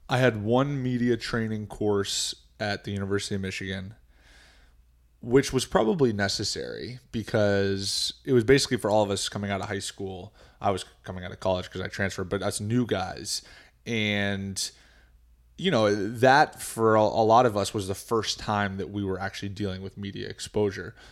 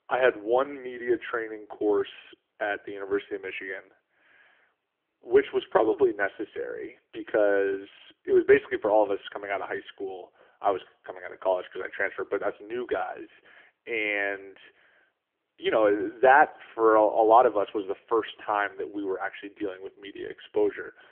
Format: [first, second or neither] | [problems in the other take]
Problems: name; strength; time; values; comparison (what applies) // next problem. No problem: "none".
first | phone-call audio; poor line; nothing above 3.5 kHz